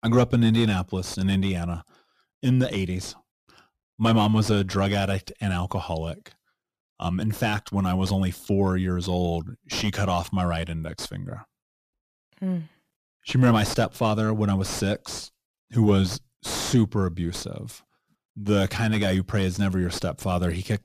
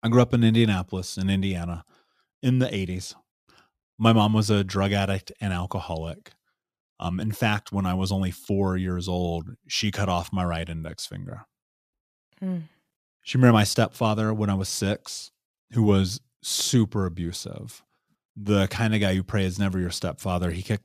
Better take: second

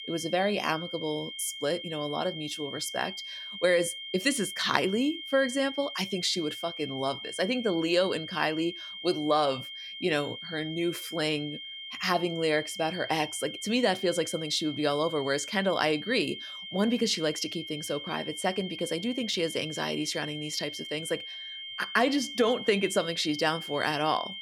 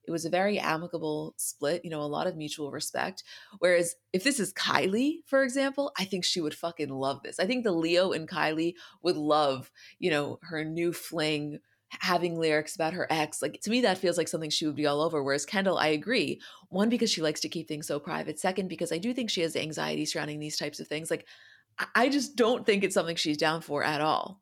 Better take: second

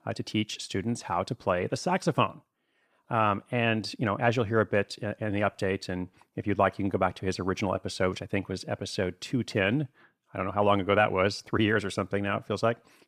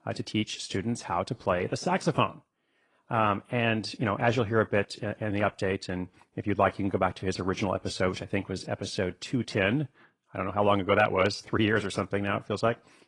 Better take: first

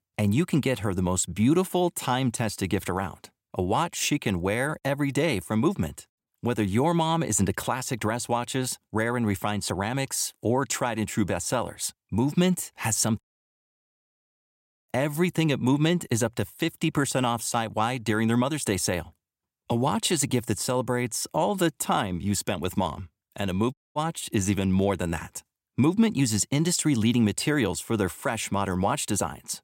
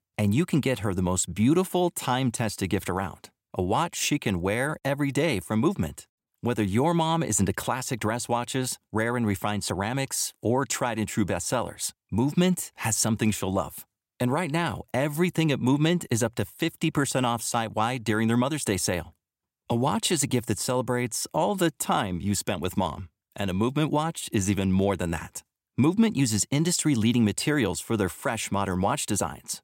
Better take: second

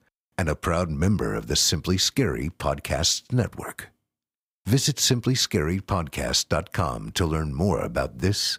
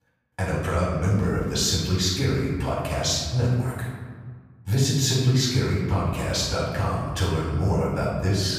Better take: first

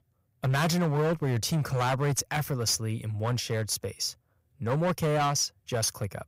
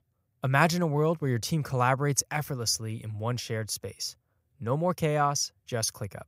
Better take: second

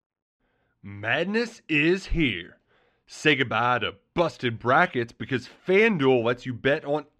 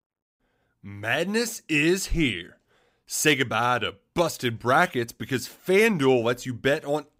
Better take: second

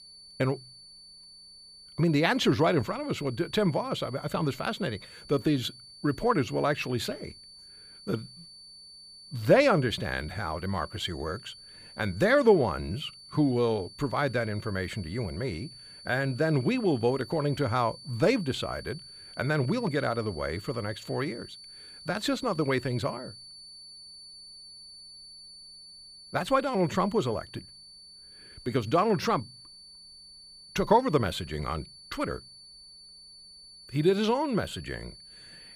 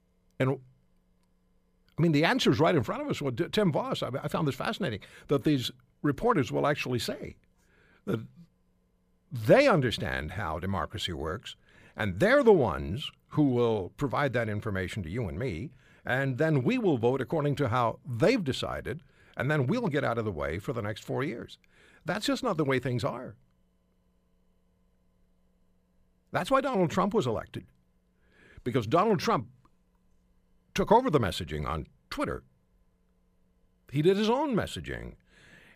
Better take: second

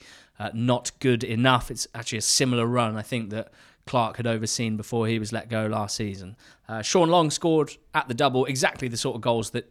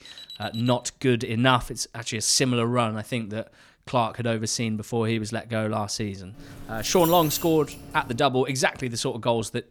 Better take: first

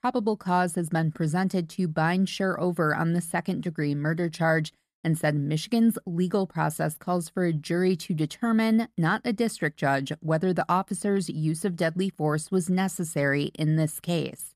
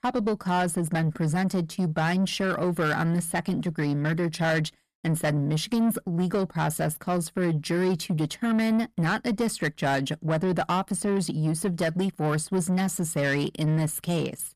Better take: first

